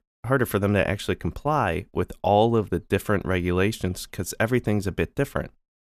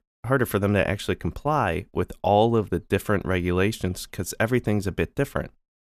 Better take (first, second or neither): neither